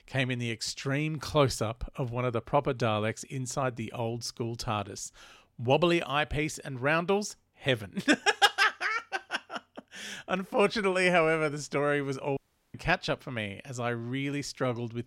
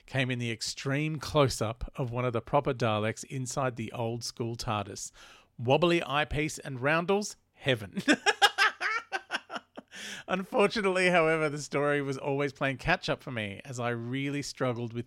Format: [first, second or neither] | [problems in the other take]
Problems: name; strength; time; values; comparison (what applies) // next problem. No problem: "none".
second | audio cutting out; at 12 s